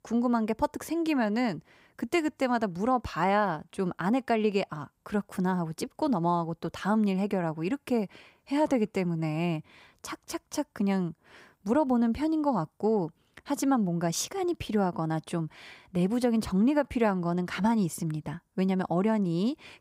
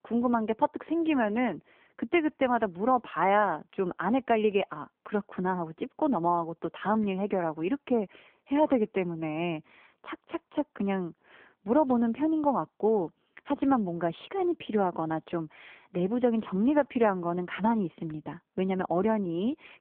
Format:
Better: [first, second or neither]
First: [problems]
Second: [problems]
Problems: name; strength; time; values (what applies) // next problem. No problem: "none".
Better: first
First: none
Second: phone-call audio; poor line